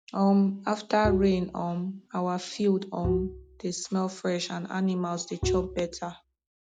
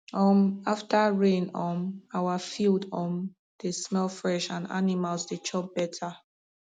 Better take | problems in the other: second | background sound (Bowed string instrument); 5 dB below the speech

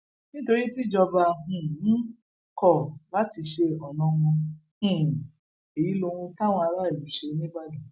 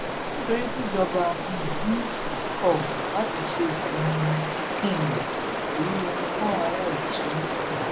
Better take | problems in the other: first | background sound (Stream); 1 dB above the speech

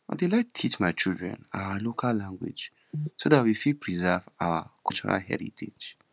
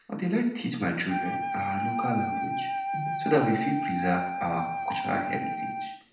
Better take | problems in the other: first | background sound (Wind instrument, woodwind instrument); 2 dB below the speech // room echo; dies away in 0.7 s

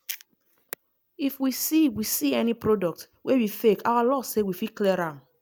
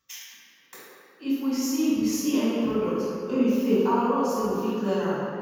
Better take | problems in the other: first | room echo; dies away in 2 s

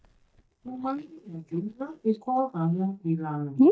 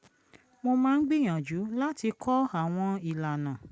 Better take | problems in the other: second | noise reduction (neural mask model DeepFilterNet 3)

